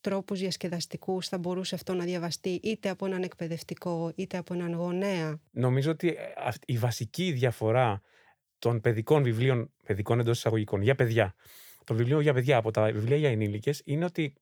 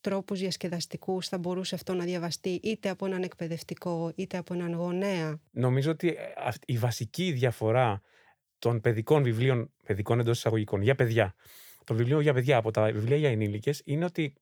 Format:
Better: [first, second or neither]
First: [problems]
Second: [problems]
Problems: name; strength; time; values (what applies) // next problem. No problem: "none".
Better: neither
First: none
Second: none